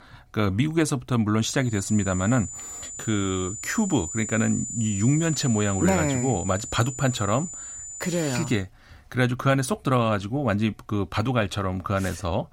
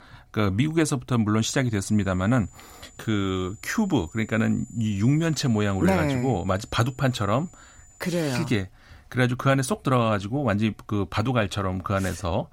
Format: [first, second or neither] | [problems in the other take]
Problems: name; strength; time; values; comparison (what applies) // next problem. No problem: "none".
second | high-pitched whine; loud; from 1.5 to 8.5 s; 7 kHz, 8 dB below the speech; faint in the second